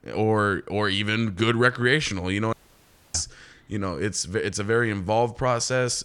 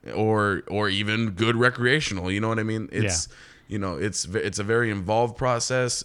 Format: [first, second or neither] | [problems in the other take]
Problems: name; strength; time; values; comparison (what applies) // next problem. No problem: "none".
second | audio cutting out; at 2.5 s for 0.5 s